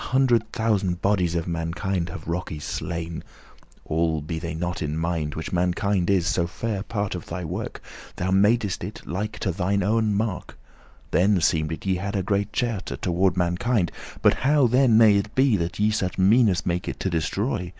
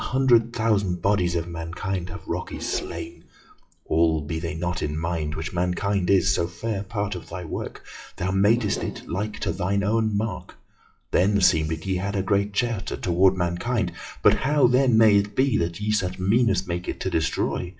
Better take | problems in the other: first | noise reduction (classical method WPE with log-MMSE)

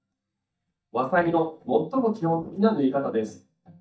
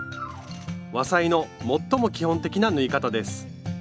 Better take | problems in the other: second | noise reduction (neural mask model DeepFilterNet 3)

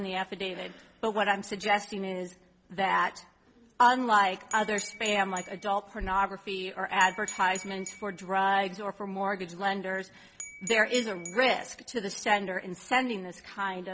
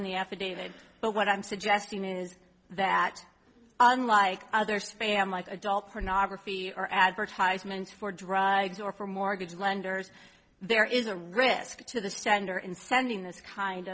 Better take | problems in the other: second | background sound (Glass / Bell); 14 dB below the speech

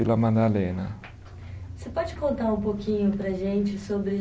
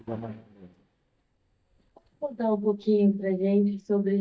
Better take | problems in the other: first | noise reduction (neural mask model DeepFilterNet 3)

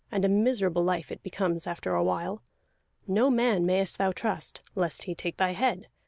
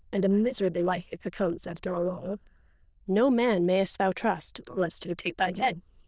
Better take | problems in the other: first | noise reduction (neural diffusion model UNIVERSE++)

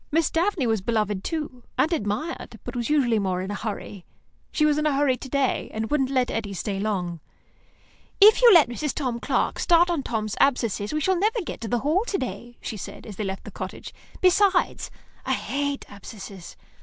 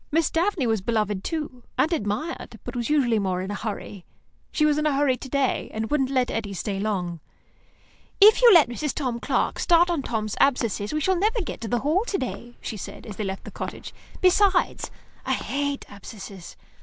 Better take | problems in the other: first | background sound (Walk, footsteps); 9 dB below the speech

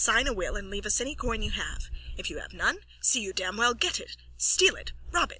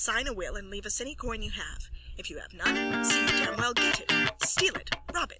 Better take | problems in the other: first | background sound (Electric guitar); 4 dB above the speech

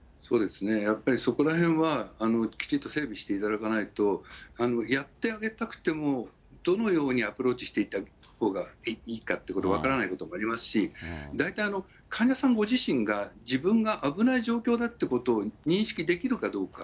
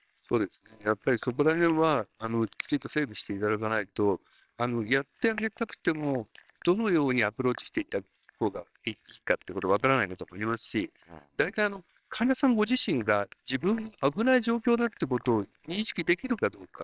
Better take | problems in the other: first | noise reduction (neural separator model SepFormer WHAMR!)

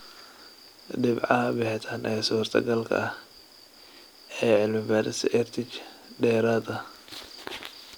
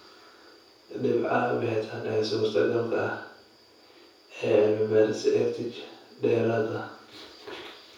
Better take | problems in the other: first | room echo; dies away in 0.6 s

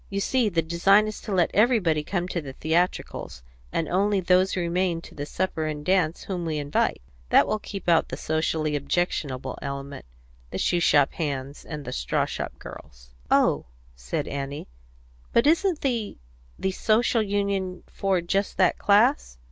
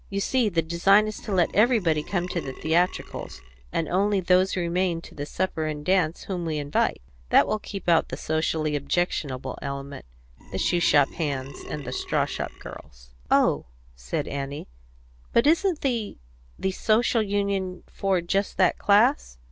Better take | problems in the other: first | background sound (Burping, eructation); 16 dB below the speech

